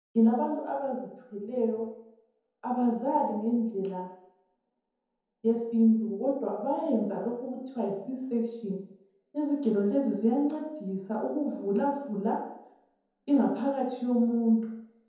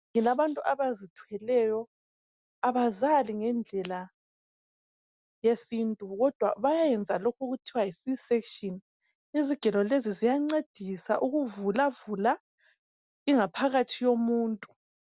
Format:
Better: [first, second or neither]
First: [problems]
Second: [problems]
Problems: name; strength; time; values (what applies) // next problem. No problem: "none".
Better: second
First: room echo; dies away in 0.9 s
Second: none